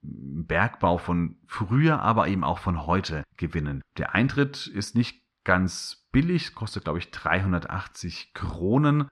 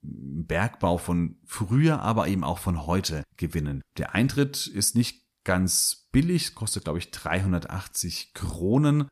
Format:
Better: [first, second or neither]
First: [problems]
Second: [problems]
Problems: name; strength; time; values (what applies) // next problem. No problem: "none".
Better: second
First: muffled; slightly; fading above 3 kHz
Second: none